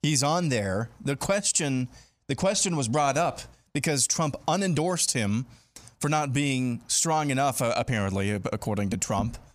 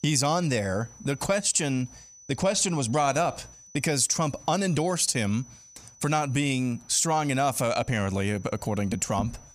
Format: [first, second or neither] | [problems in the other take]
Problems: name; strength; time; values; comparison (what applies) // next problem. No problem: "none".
first | high-pitched whine; faint; throughout; 6 kHz, 25 dB below the speech